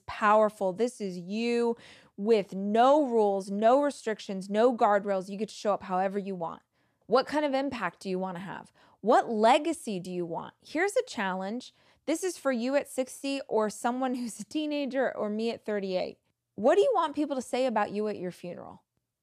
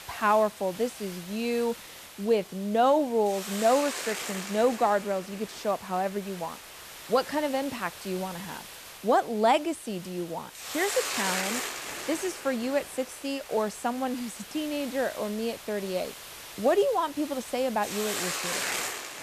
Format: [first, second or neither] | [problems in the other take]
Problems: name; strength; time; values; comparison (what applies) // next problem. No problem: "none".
first | hiss; loud; throughout; 8 dB below the speech